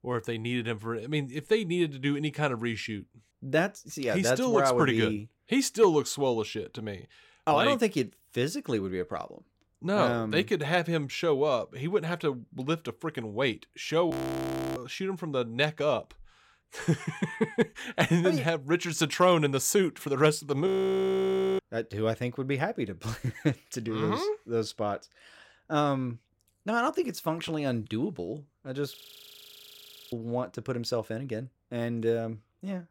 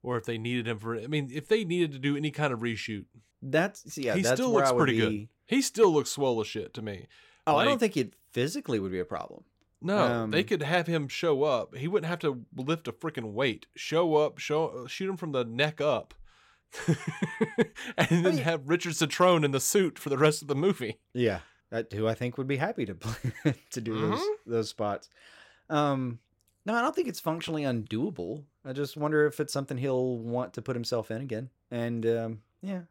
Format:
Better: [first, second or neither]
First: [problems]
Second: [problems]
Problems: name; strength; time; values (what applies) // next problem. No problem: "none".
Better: second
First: audio freezing; at 14 s for 0.5 s, at 21 s for 1 s and at 29 s for 1 s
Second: none